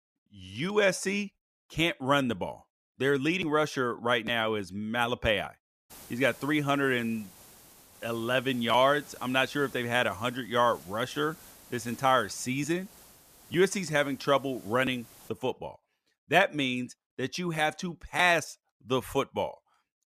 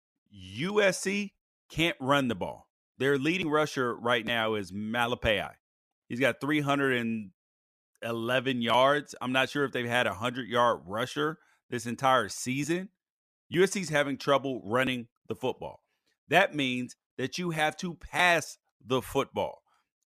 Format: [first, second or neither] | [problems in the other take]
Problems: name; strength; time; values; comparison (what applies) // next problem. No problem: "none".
second | hiss; faint; from 6 to 15 s; 20 dB below the speech